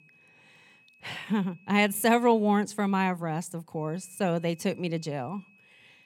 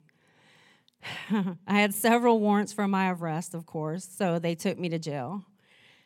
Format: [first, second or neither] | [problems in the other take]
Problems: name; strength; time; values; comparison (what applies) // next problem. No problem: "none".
second | high-pitched whine; faint; until 2.5 s and from 4 s on; 2.5 kHz, 30 dB below the speech